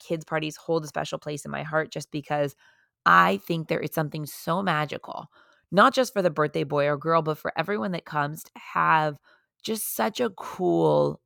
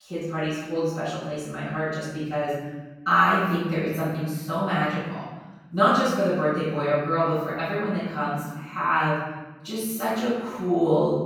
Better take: first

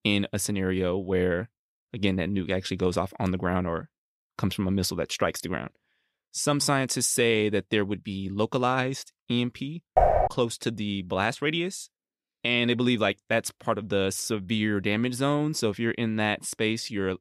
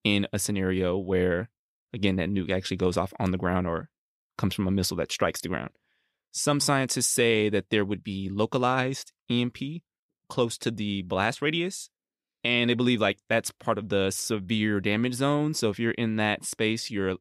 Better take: second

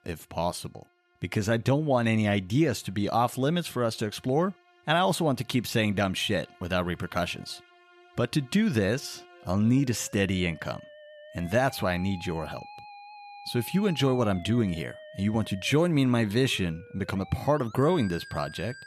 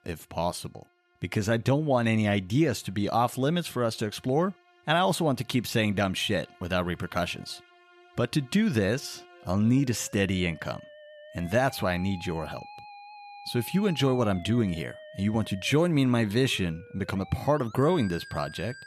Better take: neither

